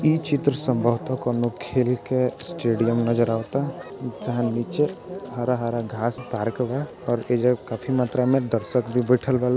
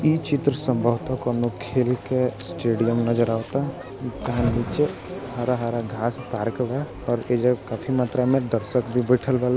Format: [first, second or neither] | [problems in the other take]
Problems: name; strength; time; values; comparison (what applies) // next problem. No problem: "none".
first | background sound (Bird vocalization, bird call, bird song + Cricket / Waves, surf); 14 dB below the speech